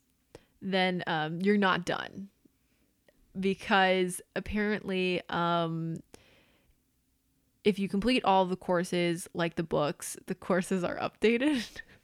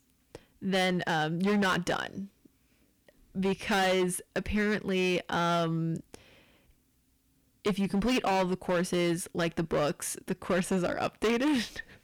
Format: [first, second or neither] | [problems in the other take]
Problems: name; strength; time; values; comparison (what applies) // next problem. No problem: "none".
first | distortion; heavy; 11% of the sound clipped